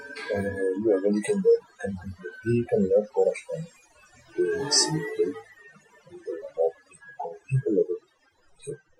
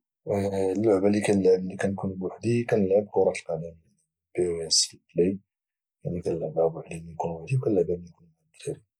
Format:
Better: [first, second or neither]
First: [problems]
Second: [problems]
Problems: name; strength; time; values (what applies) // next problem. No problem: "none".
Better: second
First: noise reduction (classical method Wiener filter)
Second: none